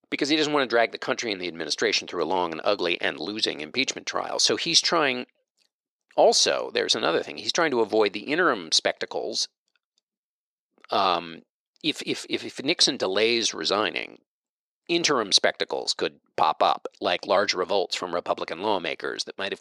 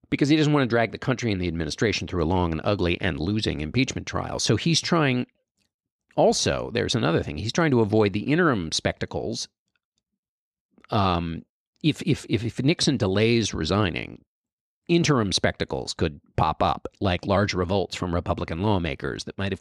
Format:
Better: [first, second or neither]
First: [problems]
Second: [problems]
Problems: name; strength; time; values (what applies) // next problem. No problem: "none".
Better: second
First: thin; somewhat; fading below 500 Hz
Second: none